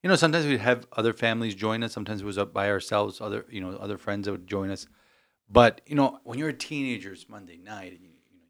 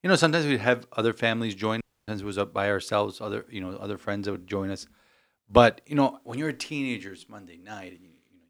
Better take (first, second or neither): first